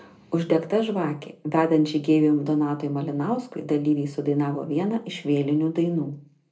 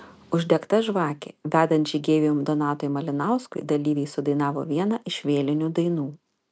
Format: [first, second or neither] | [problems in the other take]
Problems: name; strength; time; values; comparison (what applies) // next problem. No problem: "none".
second | room echo; dies away in 0.3 s